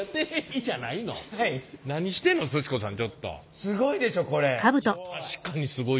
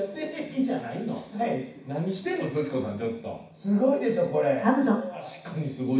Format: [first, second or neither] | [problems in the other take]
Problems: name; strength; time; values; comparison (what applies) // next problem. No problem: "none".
first | room echo; dies away in 0.6 s